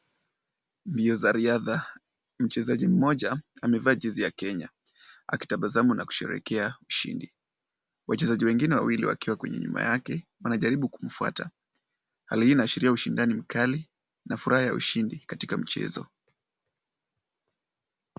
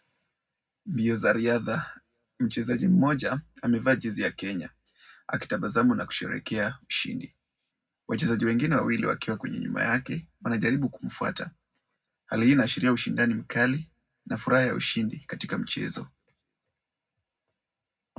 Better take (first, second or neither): first